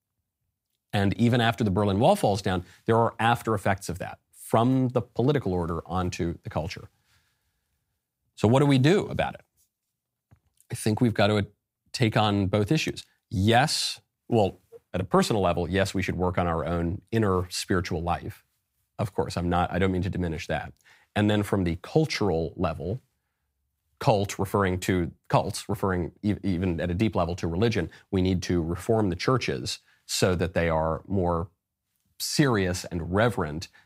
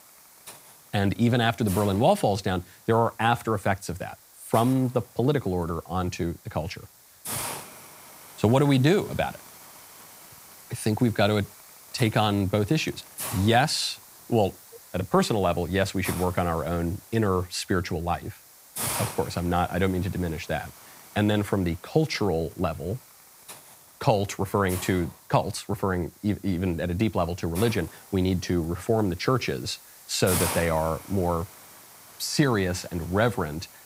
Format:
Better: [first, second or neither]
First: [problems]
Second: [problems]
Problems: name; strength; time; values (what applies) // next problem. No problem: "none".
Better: first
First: none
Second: hiss; noticeable; throughout; 15 dB below the speech